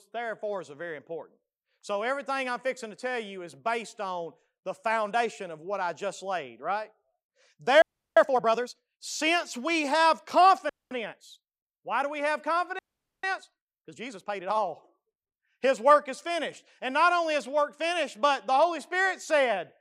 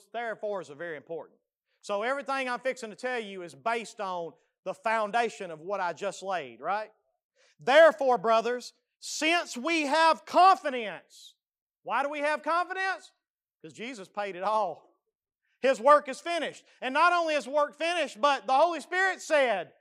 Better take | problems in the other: second | audio freezing; at 8 s, at 11 s and at 13 s

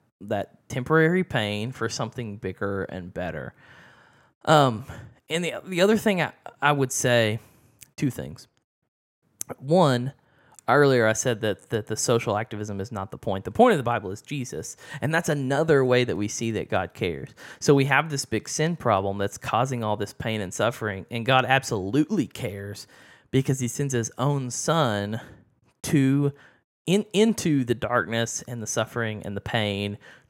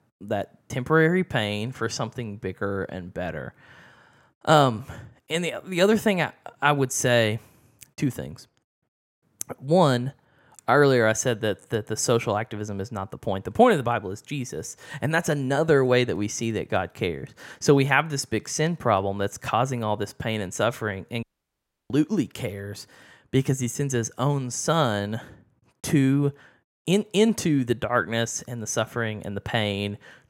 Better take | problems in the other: first | audio cutting out; at 21 s for 0.5 s

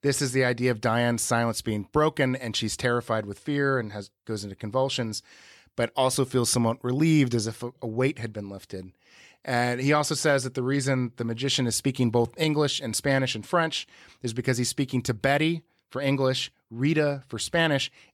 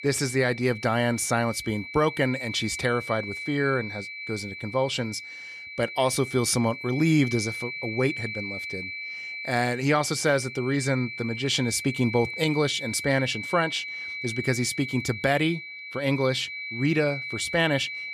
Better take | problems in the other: first | high-pitched whine; loud; throughout; 2.5 kHz, 8 dB below the speech

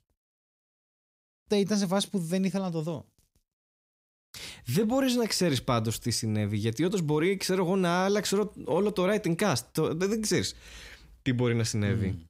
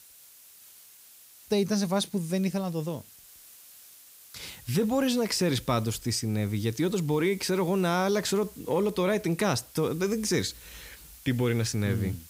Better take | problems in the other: first | hiss; faint; throughout; 20 dB below the speech

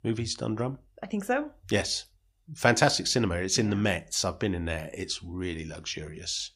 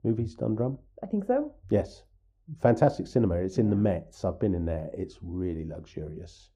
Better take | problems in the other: first | muffled; very; fading above 1.5 kHz

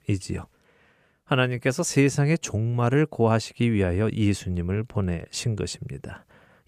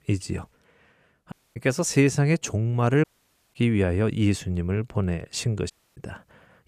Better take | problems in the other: first | audio cutting out; at 1.5 s, at 3 s for 0.5 s and at 5.5 s

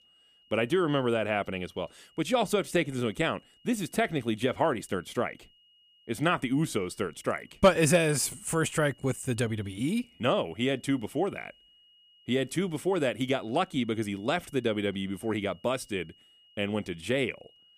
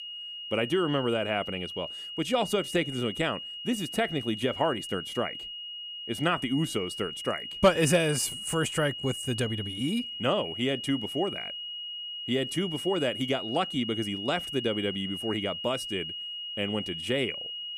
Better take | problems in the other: first | high-pitched whine; loud; throughout; 3 kHz, 6 dB below the speech; faint in the first

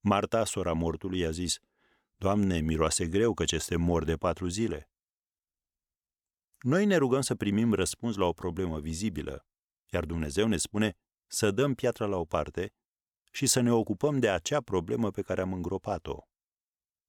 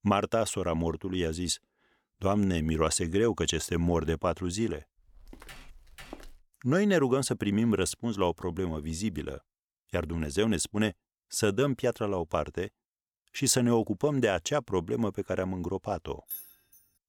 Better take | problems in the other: first | footsteps; faint; from 5 to 6.5 s; peak 20 dB below the speech // jangling keys; faint; at 16 s; peak 10 dB below the speech

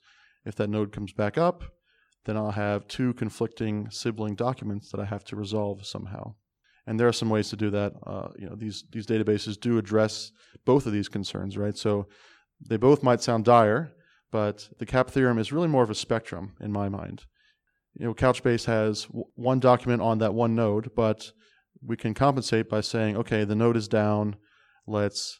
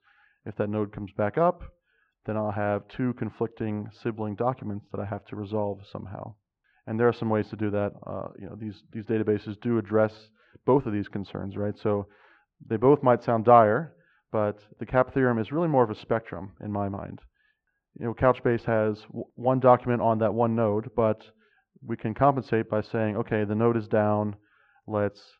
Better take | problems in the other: first | muffled; very; fading above 2.5 kHz

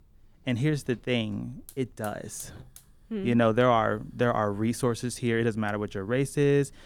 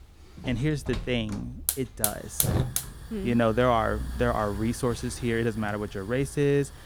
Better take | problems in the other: first | hiss; loud; throughout; 4 dB below the speech; faint in the first

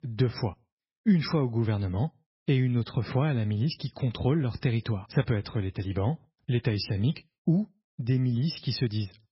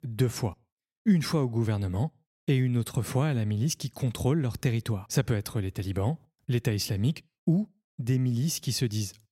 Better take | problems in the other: second | garbled, watery; badly; nothing above 5.5 kHz

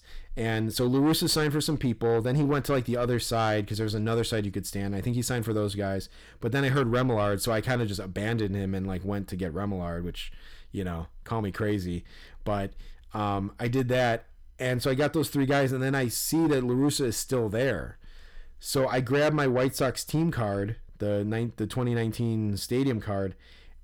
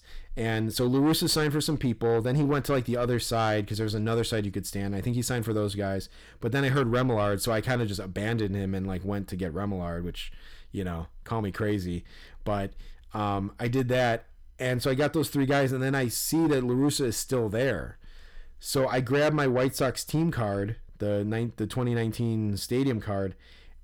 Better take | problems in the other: neither | distortion; slight; 10 dB below the speech; the same in both

